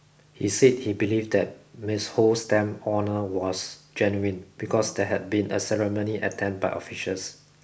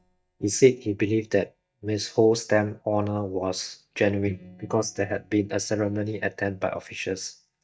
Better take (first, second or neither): first